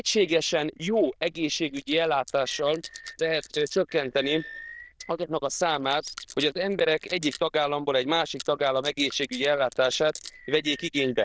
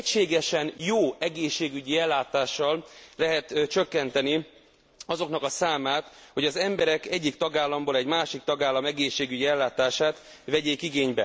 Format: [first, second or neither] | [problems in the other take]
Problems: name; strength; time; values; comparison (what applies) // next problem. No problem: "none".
second | noise reduction (neural diffusion model UNIVERSE++)